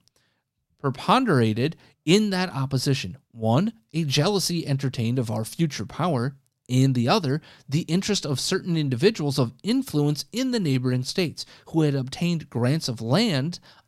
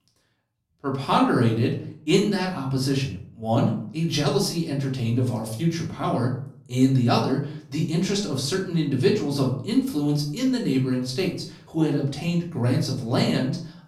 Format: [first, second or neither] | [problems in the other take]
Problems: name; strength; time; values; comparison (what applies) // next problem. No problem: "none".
first | off-mic speech; far // room echo; slight; dies away in 0.5 s